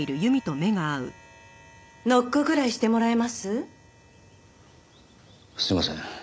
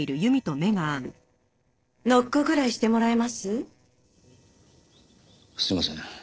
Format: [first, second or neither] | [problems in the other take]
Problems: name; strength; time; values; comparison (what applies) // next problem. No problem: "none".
first | noise reduction (neural separator model SepFormer DNS4)